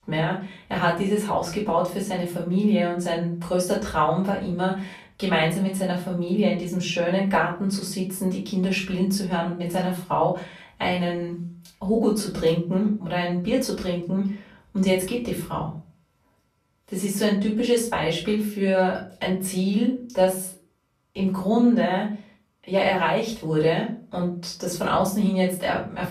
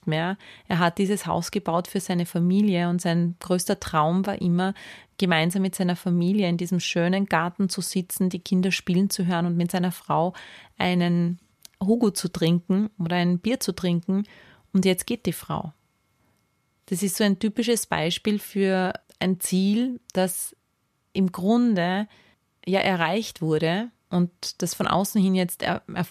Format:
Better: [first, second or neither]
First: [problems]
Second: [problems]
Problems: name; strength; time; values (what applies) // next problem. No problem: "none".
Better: second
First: off-mic speech; far // room echo; slight; dies away in 0.3 s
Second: none